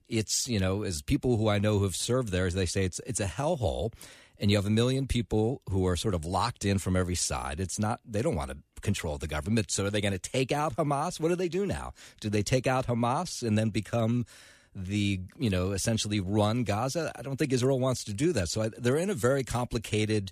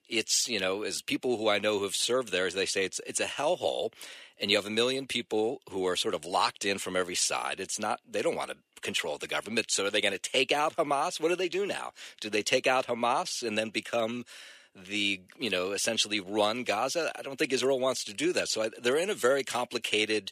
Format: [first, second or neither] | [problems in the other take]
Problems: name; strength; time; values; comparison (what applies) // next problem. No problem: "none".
first | thin; somewhat; fading below 400 Hz